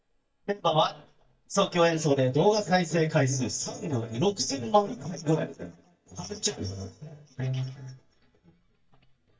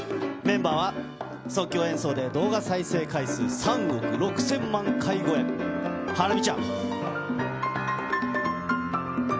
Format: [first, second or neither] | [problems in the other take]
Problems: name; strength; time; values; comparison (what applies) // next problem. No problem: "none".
second | noise reduction (neural mask model DeepFilterNet 3)